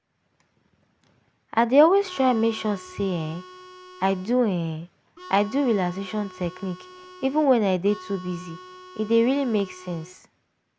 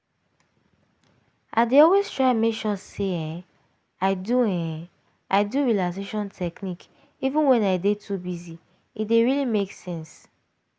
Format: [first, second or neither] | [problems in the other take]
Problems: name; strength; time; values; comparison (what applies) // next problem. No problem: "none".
second | background sound (Harmonica); 18 dB below the speech